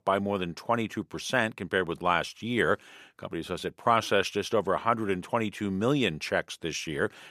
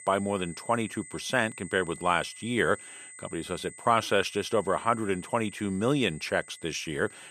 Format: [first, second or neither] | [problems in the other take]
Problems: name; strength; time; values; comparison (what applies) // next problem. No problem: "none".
first | high-pitched whine; noticeable; throughout; 8 kHz, 15 dB below the speech